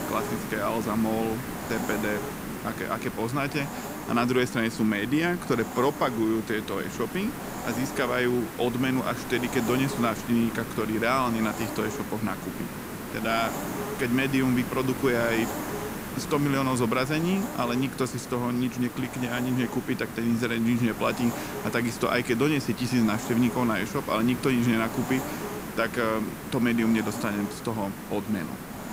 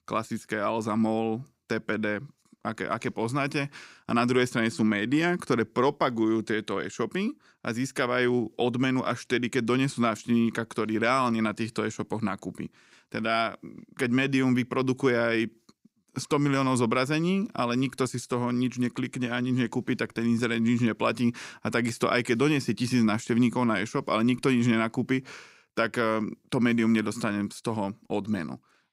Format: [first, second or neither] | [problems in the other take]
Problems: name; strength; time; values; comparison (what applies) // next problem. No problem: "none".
second | hiss; loud; throughout; 8 dB below the speech